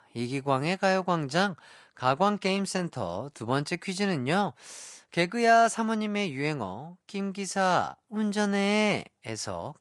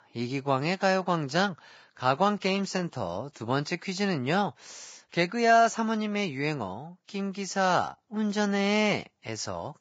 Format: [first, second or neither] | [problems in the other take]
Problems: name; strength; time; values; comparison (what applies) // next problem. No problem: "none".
first | garbled, watery; badly; nothing above 7.5 kHz; slightly in the first